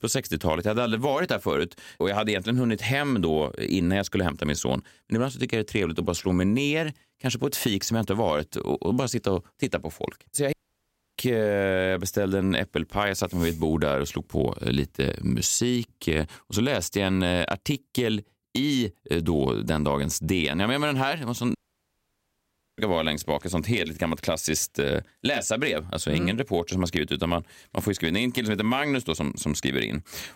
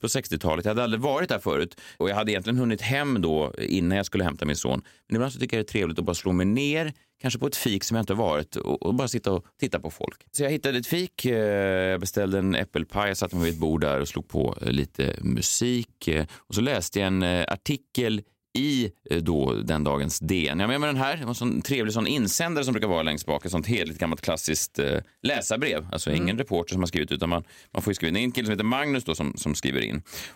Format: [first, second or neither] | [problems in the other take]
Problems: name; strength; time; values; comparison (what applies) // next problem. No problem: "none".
second | audio cutting out; at 11 s for 0.5 s and at 22 s for 1 s